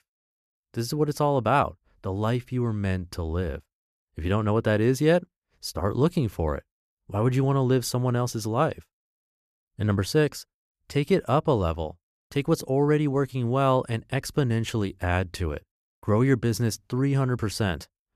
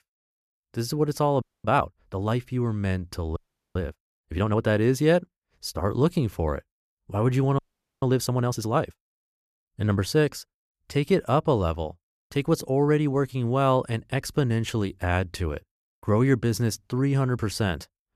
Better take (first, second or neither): first